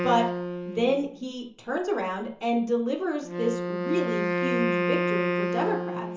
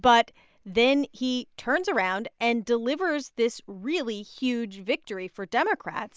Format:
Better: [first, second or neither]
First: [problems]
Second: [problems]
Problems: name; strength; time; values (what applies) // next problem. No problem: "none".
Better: second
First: background sound (Wind instrument, woodwind instrument); 1 dB below the speech // room echo; dies away in 0.8 s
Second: none